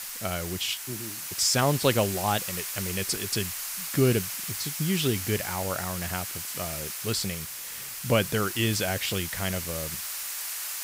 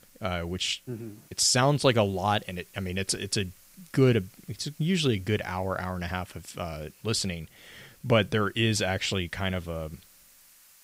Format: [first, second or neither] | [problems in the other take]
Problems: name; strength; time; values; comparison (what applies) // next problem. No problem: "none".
second | hiss; loud; throughout; 4 dB below the speech; faint in the second